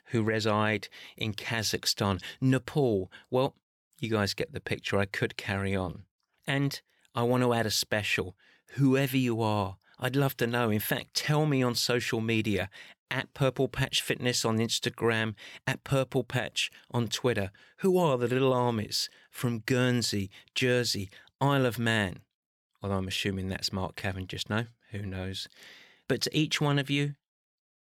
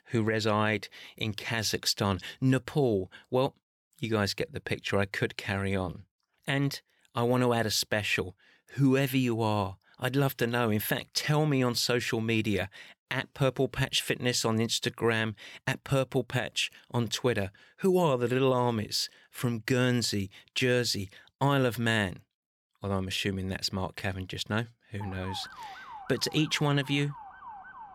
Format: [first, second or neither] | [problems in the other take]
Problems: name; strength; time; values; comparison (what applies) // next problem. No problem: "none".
first | siren; faint; from 25 s on; peak 15 dB below the speech